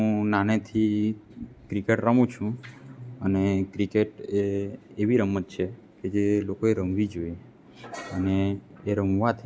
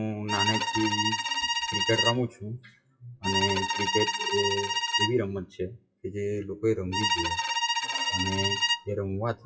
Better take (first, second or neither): first